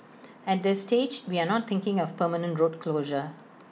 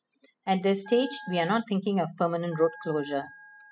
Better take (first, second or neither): first